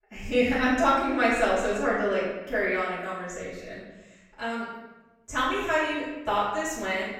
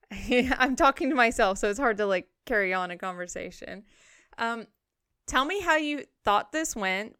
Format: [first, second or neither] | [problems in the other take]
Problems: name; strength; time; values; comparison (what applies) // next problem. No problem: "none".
second | room echo; noticeable; dies away in 1 s // off-mic speech; far